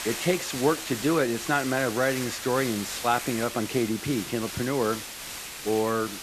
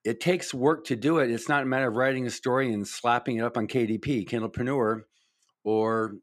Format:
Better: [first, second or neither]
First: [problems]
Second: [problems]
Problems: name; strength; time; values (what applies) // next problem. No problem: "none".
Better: second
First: hiss; loud; throughout; 7 dB below the speech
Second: none